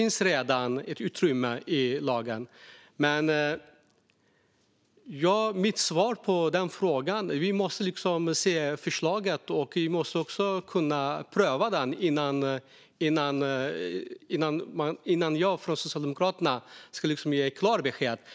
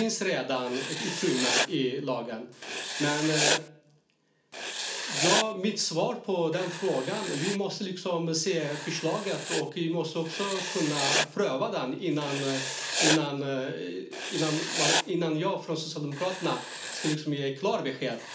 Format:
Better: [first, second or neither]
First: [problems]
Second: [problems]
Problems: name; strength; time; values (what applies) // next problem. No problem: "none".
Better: first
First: none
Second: background sound (Writing); 3 dB below the speech // room echo; dies away in 0.4 s